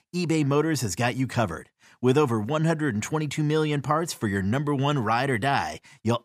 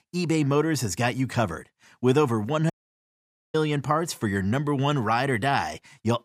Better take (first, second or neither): first